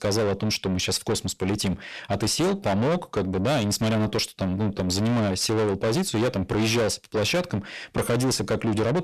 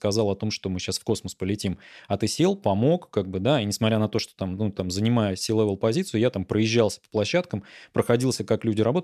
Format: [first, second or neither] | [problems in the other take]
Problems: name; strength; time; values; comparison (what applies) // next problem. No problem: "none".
second | distortion; heavy; 5 dB below the speech